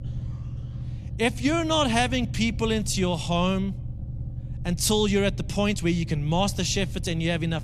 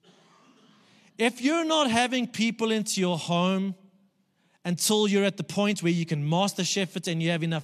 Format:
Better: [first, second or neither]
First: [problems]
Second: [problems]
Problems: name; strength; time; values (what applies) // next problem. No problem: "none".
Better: second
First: low rumble; faint; throughout; 20 dB below the speech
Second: none